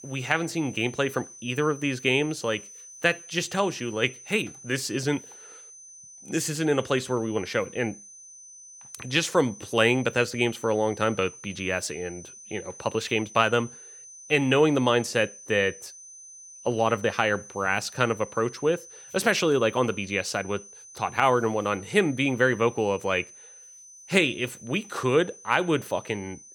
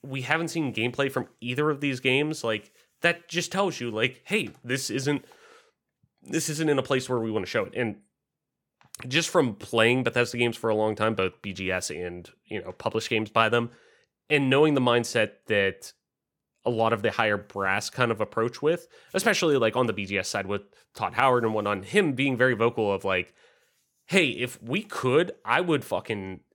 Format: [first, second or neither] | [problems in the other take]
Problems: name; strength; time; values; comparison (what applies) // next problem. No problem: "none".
second | high-pitched whine; noticeable; throughout; 6 kHz, 20 dB below the speech